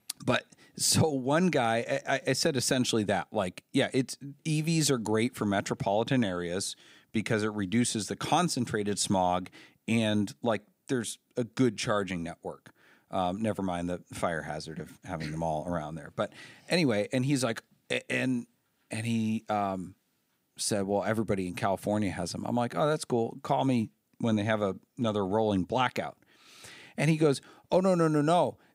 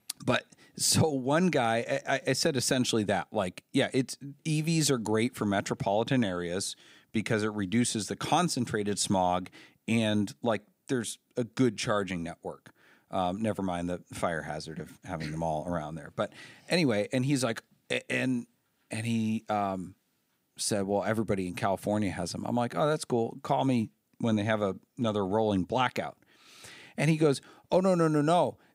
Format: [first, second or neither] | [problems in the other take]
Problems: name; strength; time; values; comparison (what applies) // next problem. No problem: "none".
neither | none